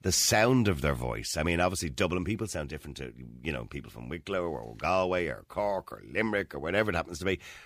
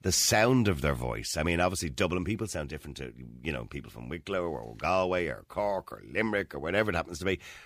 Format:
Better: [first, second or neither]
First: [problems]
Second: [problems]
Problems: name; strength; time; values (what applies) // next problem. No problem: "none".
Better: neither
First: none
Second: none